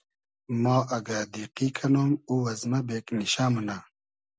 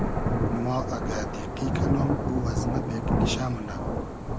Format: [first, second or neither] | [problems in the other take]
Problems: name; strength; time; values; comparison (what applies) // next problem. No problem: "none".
first | background sound (Thunder / Rain); 5 dB above the speech